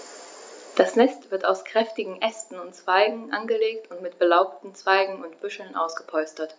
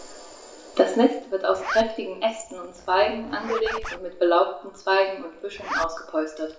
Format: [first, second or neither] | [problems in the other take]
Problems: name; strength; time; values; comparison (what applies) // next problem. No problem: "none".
first | background sound (Zipper (clothing)); 12 dB below the speech // room echo; dies away in 0.7 s